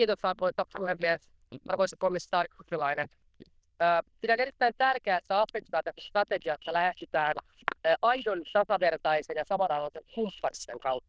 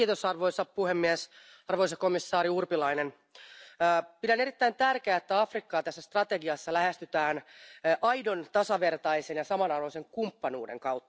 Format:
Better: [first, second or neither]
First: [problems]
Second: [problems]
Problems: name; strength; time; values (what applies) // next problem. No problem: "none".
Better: second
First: noise reduction (neural diffusion model UNIVERSE++)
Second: none